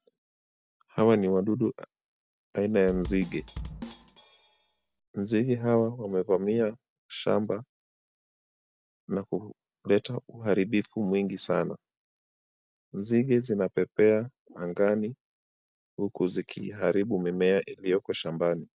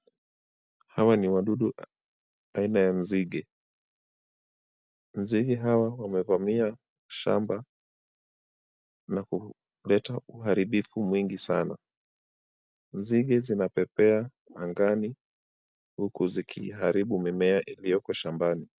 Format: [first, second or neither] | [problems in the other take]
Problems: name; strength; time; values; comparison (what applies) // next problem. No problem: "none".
second | background sound (Bass drum / Snare drum); 12 dB below the speech